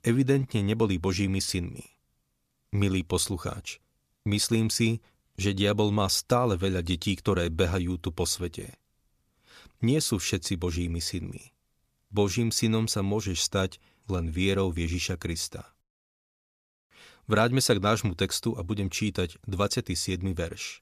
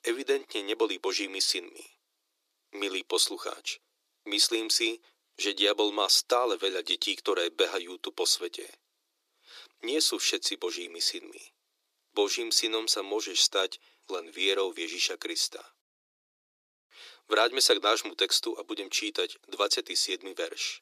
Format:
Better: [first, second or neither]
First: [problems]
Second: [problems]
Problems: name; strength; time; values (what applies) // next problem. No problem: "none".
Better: first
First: none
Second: thin; very; fading below 300 Hz